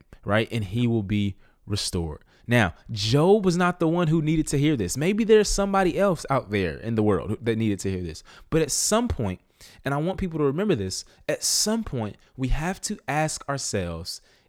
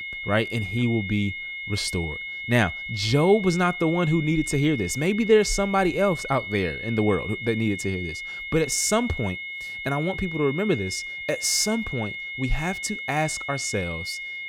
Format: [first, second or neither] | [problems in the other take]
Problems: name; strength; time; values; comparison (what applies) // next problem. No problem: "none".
first | high-pitched whine; loud; throughout; 2 kHz, 7 dB below the speech